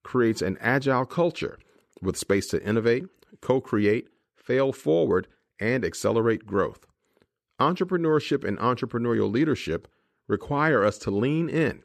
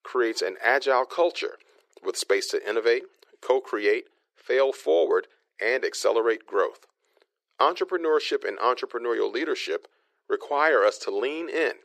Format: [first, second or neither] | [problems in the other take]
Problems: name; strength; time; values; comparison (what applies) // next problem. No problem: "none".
first | thin; very; fading below 350 Hz